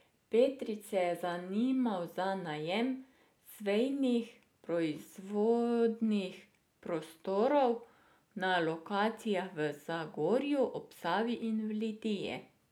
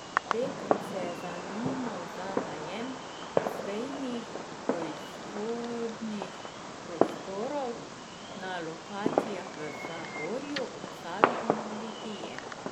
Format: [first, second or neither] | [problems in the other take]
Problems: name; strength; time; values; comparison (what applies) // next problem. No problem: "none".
first | background sound (Fireworks); 4 dB above the speech